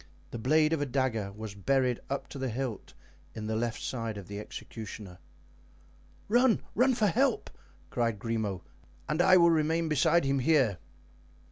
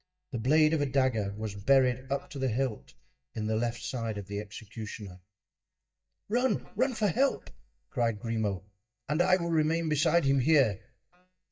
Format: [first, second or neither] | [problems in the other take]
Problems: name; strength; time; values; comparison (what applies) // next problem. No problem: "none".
first | noise reduction (neural mask model DeepFilterNet 3)